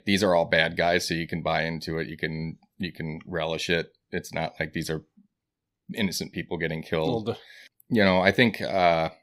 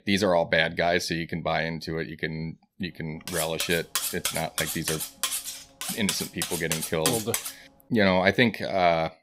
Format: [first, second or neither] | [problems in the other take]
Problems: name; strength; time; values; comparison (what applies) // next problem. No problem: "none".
first | clattering dishes; loud; from 3.5 to 7.5 s; peak level with the speech